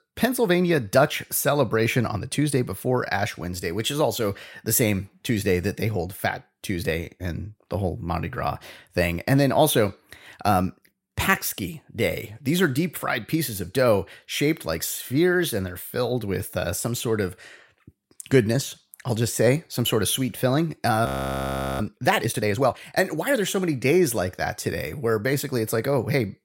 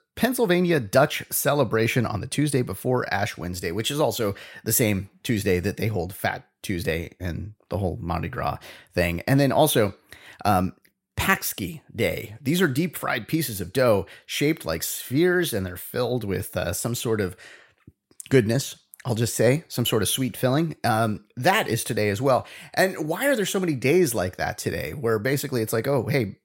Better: second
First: audio freezing; at 21 s for 0.5 s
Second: none

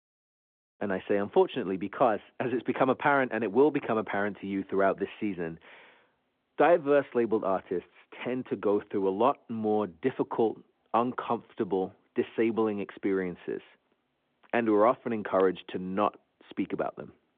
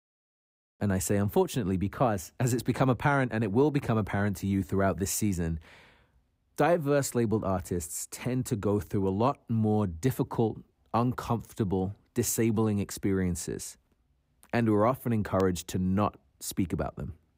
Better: second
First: phone-call audio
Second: none

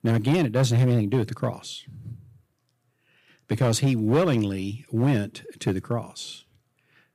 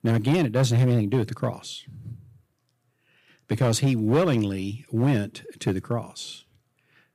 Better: neither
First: distortion; slight; 5% of the sound clipped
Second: distortion; slight; 5% of the sound clipped

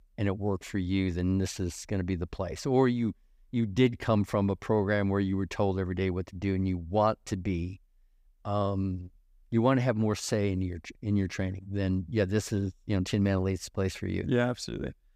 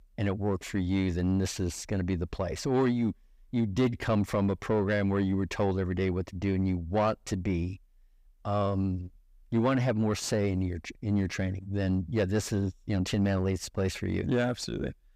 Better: first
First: none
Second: distortion; slight; 10 dB below the speech

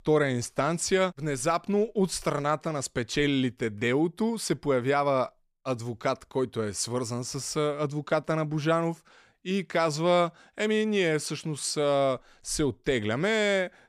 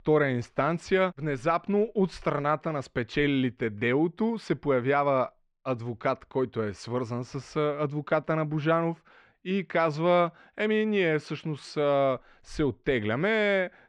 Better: first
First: none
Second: muffled; slightly; fading above 2.5 kHz

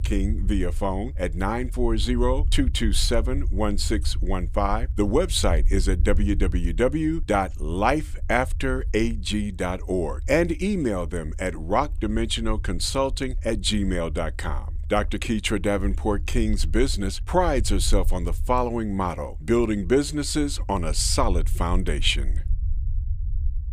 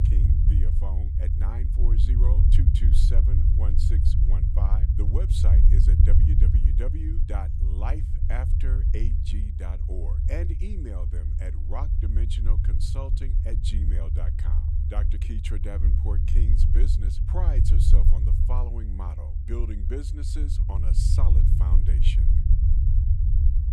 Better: first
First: low rumble; faint; throughout; 25 dB below the speech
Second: low rumble; loud; throughout; as loud as the speech

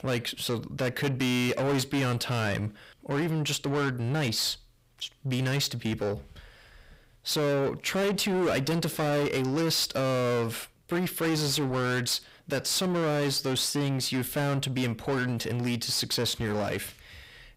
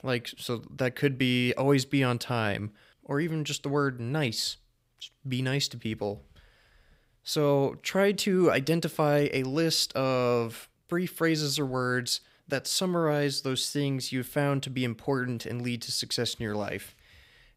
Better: second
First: distortion; heavy; 7 dB below the speech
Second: none

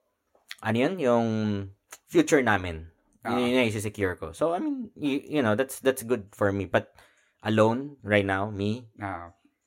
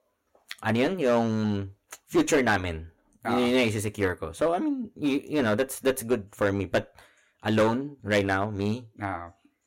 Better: first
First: none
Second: distortion; slight; 4% of the sound clipped

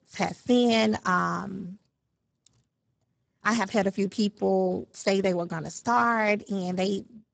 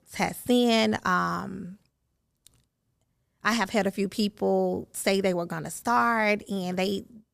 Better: second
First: garbled, watery; badly; nothing above 7.5 kHz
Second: none

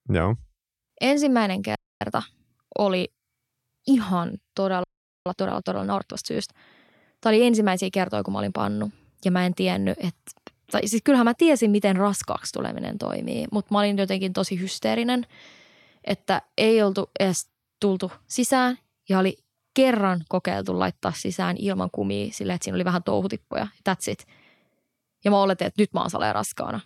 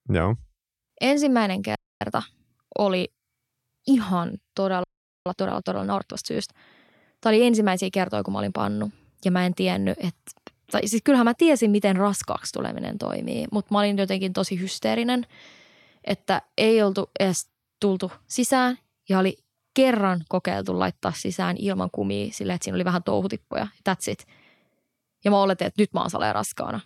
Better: neither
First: audio freezing; at 2 s and at 5 s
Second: audio freezing; at 2 s and at 5 s

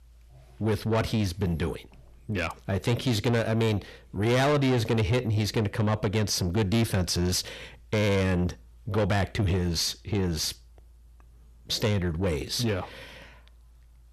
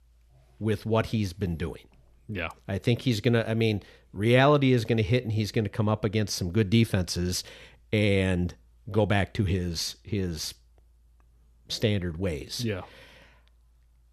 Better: second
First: distortion; heavy; 8 dB below the speech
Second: none

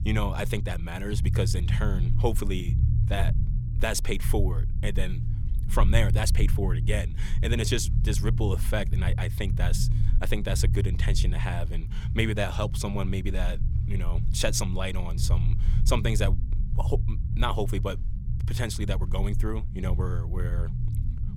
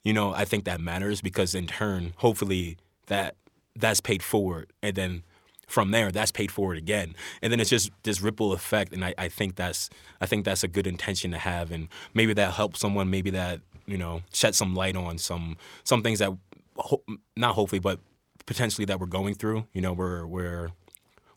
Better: second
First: low rumble; noticeable; throughout; 10 dB below the speech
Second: none

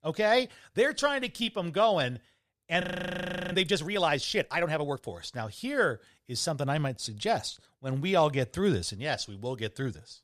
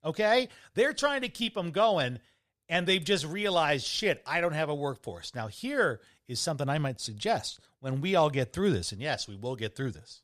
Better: second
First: audio freezing; at 3 s for 0.5 s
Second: none

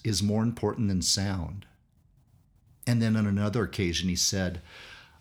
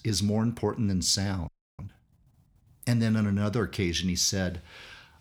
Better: first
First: none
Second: audio freezing; at 1.5 s

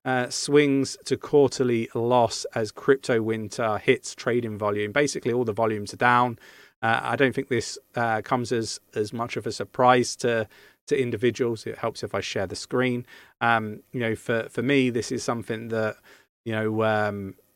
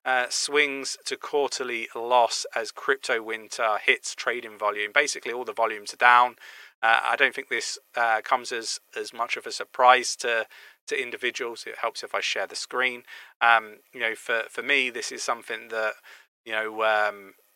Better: first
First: none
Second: thin; very; fading below 800 Hz

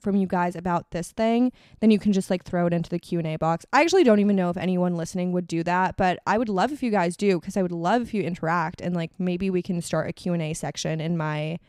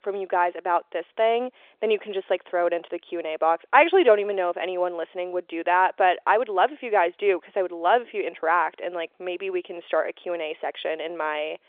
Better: first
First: none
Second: phone-call audio; nothing above 3.5 kHz

